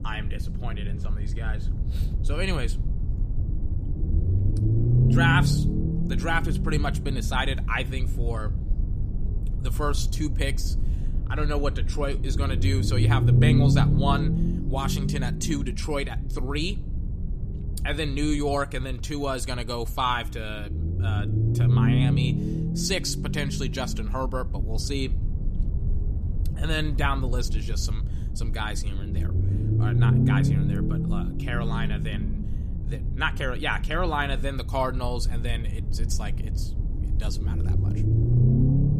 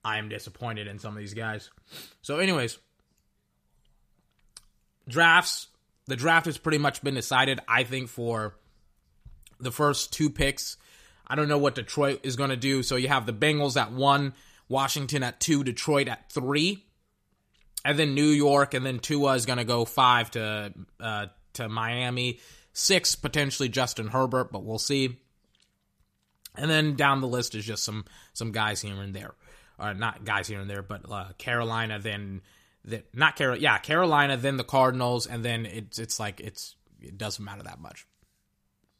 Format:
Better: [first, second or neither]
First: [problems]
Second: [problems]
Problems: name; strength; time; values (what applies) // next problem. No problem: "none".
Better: second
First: low rumble; loud; throughout; 7 dB below the speech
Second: none